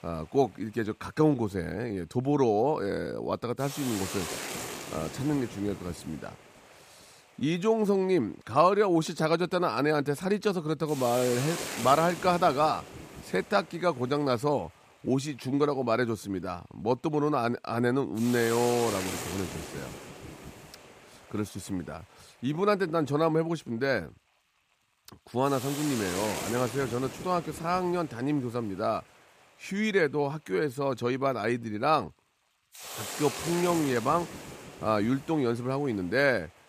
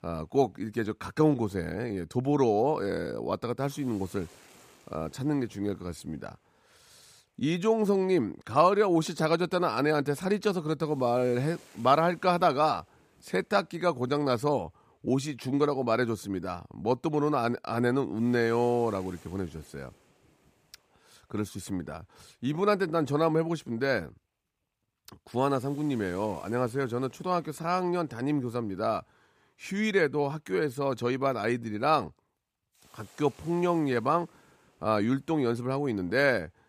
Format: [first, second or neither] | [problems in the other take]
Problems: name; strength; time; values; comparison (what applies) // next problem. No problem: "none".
second | hiss; loud; throughout; 10 dB below the speech; faint in the second